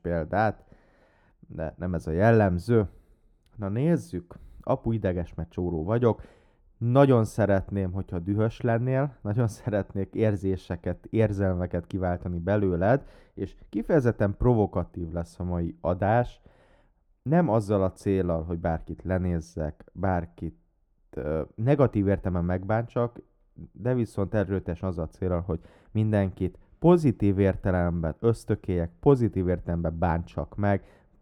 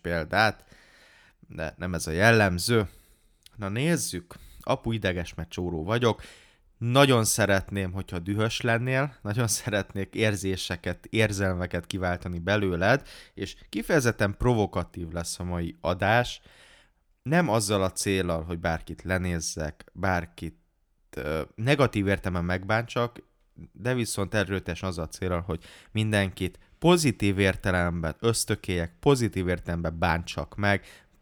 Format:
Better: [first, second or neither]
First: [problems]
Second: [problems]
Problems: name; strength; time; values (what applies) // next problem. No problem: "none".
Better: second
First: muffled; very; fading above 1.5 kHz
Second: none